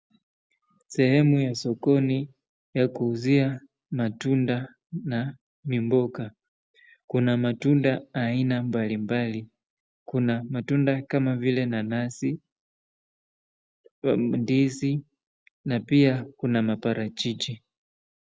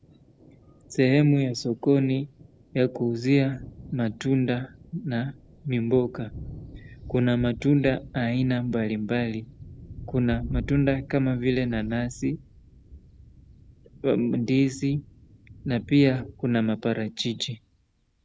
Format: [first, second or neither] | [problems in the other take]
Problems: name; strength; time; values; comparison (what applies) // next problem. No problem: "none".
first | background sound (Thunder); 17 dB below the speech